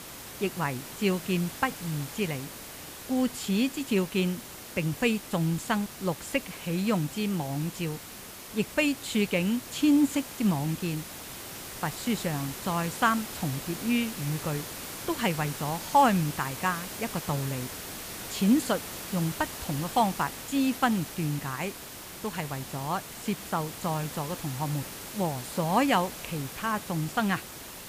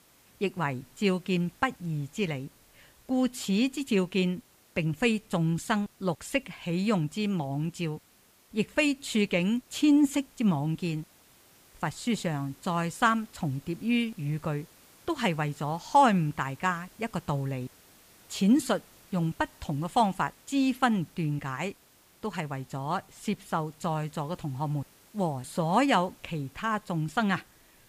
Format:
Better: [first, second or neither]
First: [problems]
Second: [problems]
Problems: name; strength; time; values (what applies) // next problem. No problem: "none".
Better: second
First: hiss; loud; throughout; 9 dB below the speech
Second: hiss; faint; throughout; 25 dB below the speech